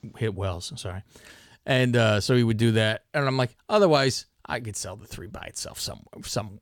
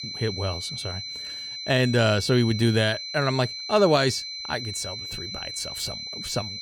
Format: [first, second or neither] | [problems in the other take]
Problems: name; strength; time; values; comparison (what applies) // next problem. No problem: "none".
first | high-pitched whine; loud; throughout; 4 kHz, 8 dB below the speech